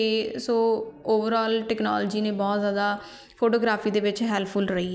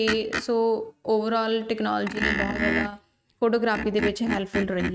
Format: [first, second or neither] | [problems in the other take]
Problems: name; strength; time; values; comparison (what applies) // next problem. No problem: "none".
first | noise reduction (neural mask model RNNoise)